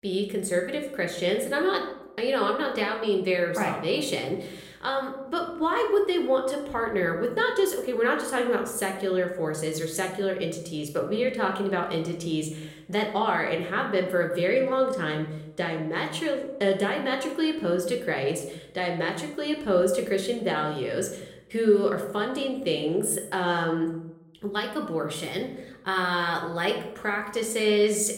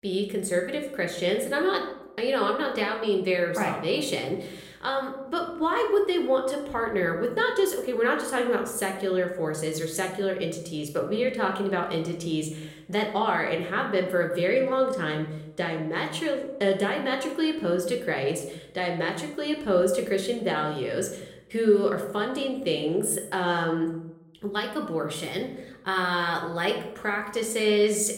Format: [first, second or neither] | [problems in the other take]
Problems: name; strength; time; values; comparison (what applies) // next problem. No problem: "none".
neither | room echo; slight; dies away in 0.7 s; the same in both // off-mic speech; somewhat distant; the same in both